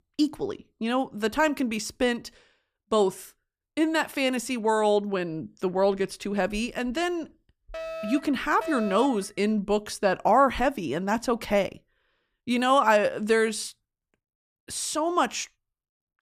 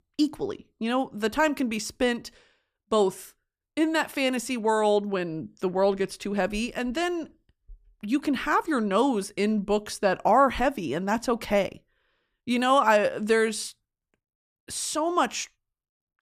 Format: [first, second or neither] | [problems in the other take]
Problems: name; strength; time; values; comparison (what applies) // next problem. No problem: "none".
second | alarm; noticeable; from 7.5 to 9 s; peak 9 dB below the speech